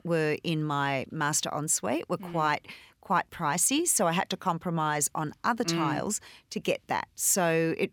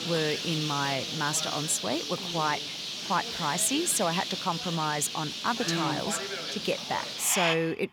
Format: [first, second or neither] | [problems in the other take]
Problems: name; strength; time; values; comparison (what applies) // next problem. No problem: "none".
first | animal sounds; loud; throughout; 3 dB below the speech